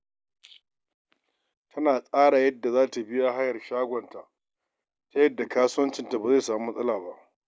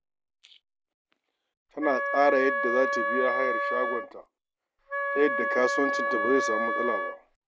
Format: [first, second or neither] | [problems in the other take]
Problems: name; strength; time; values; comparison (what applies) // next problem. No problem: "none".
first | background sound (Wind instrument, woodwind instrument); 1 dB above the speech